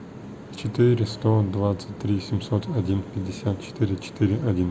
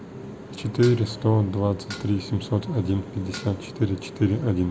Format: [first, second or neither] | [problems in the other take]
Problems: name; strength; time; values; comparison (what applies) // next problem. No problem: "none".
first | background sound (Dishes, pots, and pans + Keyboard (musical)); 19 dB below the speech